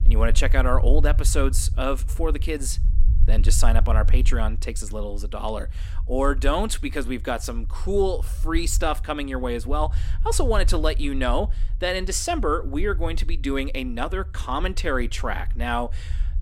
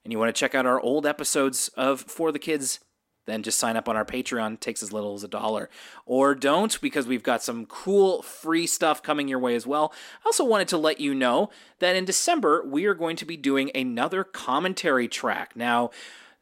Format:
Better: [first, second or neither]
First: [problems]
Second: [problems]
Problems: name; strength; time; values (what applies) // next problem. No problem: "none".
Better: second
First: low rumble; faint; throughout; 20 dB below the speech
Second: none